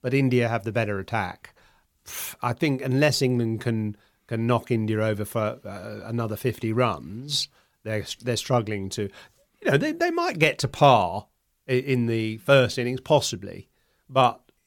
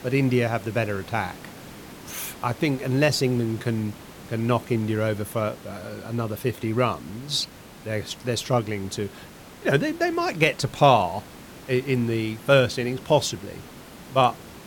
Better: first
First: none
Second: hiss; noticeable; throughout; 20 dB below the speech

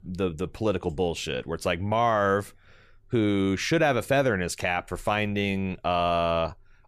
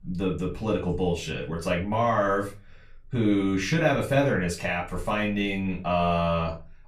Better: first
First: none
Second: off-mic speech; far // room echo; very slight; dies away in 0.3 s

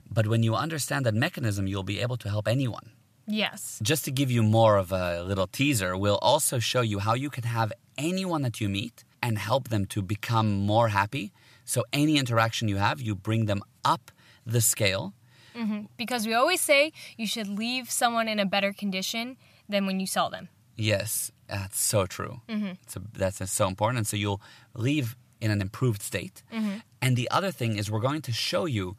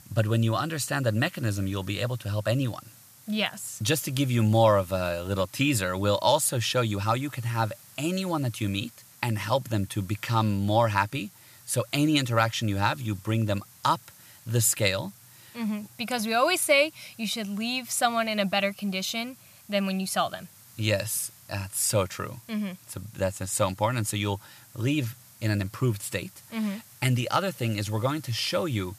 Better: first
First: none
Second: hiss; faint; throughout; 25 dB below the speech

